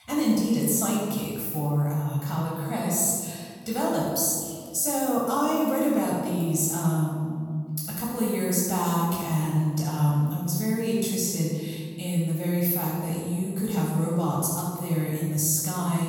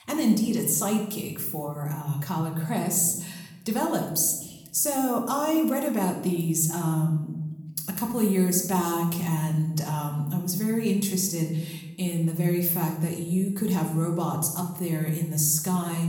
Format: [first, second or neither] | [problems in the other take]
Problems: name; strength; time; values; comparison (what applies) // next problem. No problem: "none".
second | room echo; strong; dies away in 1.8 s; slight in the second // off-mic speech; far; somewhat distant in the second